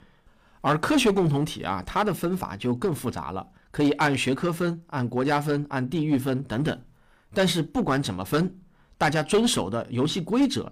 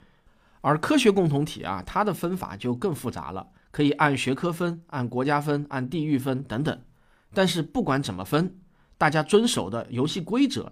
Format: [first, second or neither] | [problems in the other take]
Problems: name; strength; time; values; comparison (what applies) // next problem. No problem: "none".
second | distortion; slight; 5% of the sound clipped